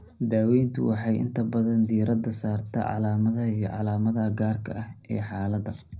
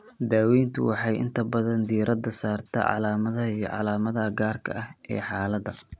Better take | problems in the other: second | room echo; dies away in 0.4 s

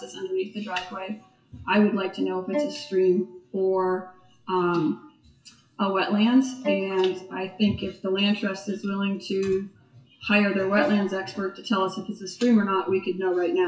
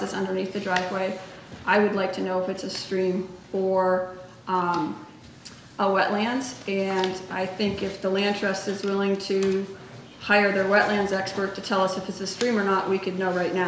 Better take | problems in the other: second | noise reduction (classical method WPE with log-MMSE)

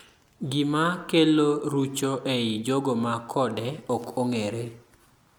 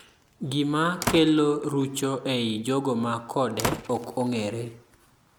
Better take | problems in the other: first | background sound (Slam); 10 dB below the speech

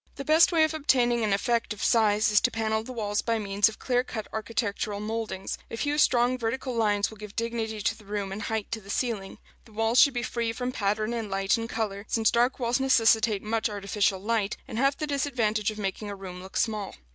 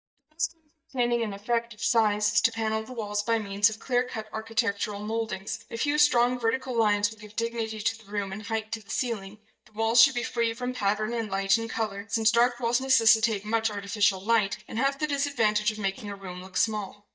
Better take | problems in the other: first | noise reduction (neural mask model DeepFilterNet 3)

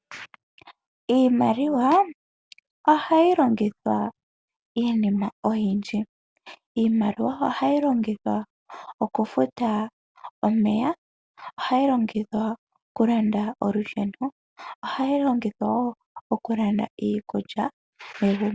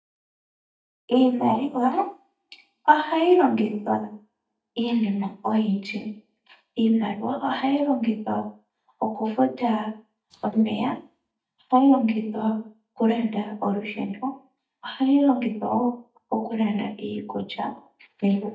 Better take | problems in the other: first | noise reduction (neural mask model DeepFilterNet 3)

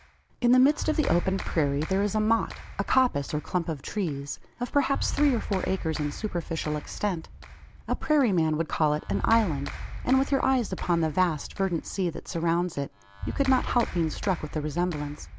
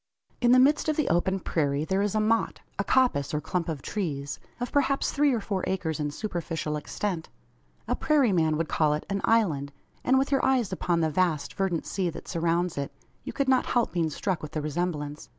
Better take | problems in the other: second | background sound (Clapping); 10 dB below the speech

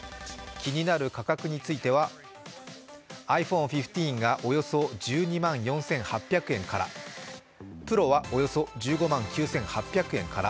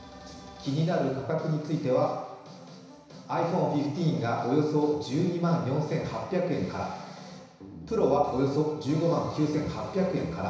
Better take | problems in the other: first | room echo; dies away in 1 s

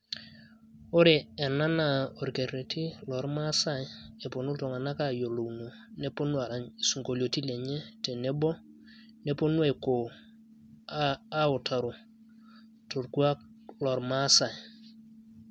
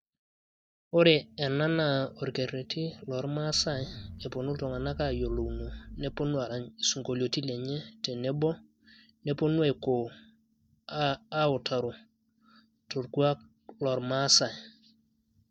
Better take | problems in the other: first | noise reduction (neural mask model DeepFilterNet 3)

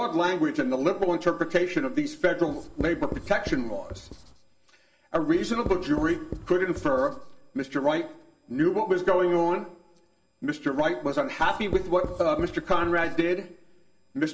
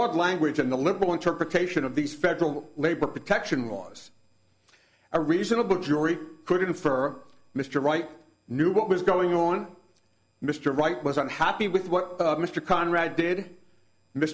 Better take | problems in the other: second | background sound (Writing); 12 dB below the speech // room echo; dies away in 0.4 s

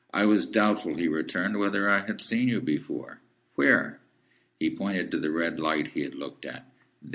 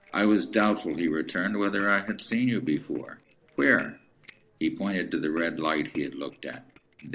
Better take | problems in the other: first | noise reduction (neural separator model SepFormer DNS4)

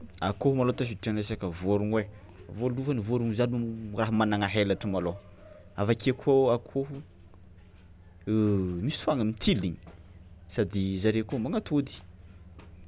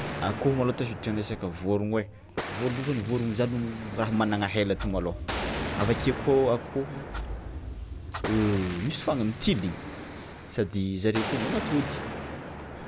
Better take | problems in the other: first | background sound (Clock + Explosion); 7 dB below the speech

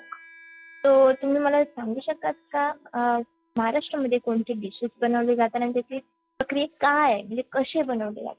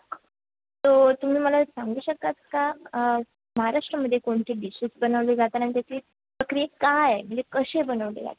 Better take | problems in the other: second | noise reduction (classical method log-MMSE)

